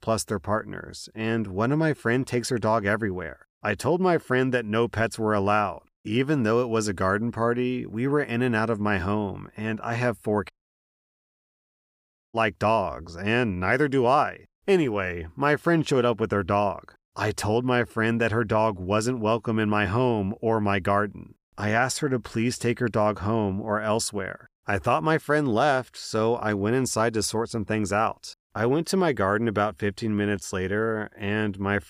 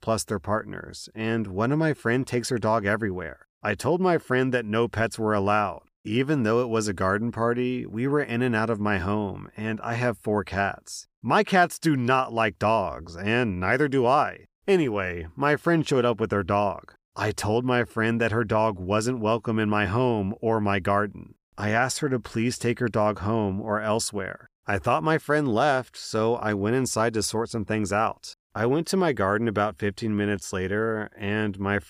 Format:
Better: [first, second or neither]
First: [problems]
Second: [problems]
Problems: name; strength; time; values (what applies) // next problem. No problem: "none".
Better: second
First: audio cutting out; at 11 s for 2 s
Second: none